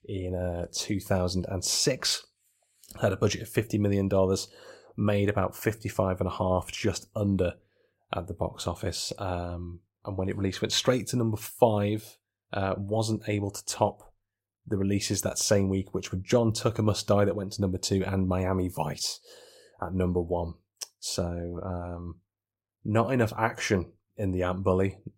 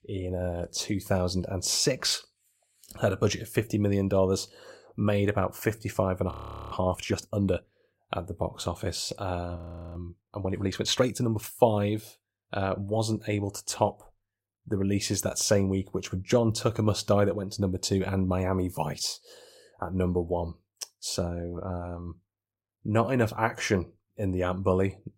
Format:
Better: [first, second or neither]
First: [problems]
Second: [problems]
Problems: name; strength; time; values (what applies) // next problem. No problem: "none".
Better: first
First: none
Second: audio freezing; at 6.5 s and at 9.5 s